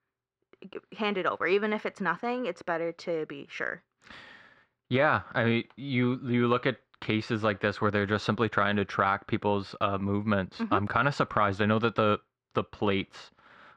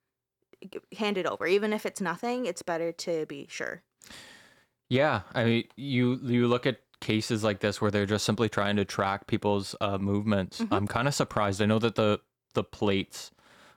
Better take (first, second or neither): second